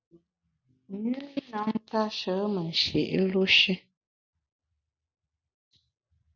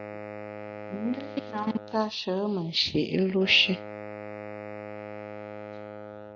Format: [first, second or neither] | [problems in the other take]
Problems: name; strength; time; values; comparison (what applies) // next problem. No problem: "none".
first | background sound (Wind instrument, woodwind instrument); 10 dB below the speech